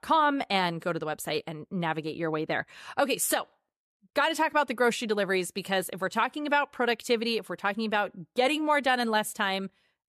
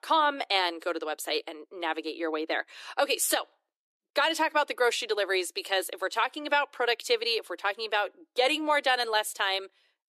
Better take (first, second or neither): first